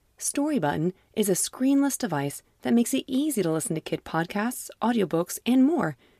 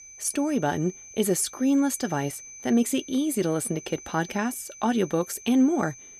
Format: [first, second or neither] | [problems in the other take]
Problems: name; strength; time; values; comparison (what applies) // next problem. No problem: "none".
first | high-pitched whine; noticeable; throughout; 6 kHz, 15 dB below the speech